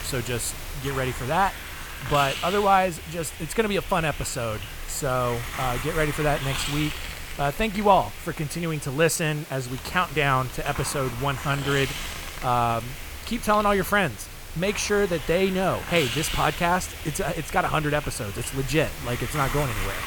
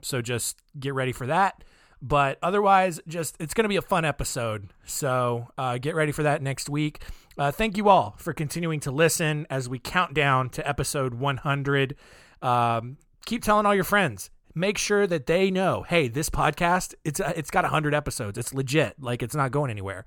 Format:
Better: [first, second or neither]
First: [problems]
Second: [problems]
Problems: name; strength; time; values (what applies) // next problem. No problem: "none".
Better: second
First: hiss; loud; throughout; 9 dB below the speech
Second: none